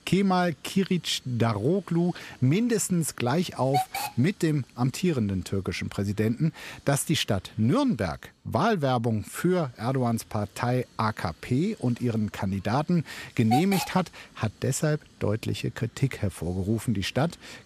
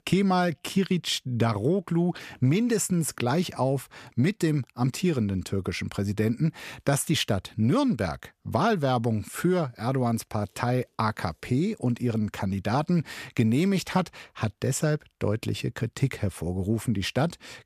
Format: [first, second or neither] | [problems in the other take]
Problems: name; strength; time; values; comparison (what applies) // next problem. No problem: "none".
second | hiss; loud; throughout; 4 dB below the speech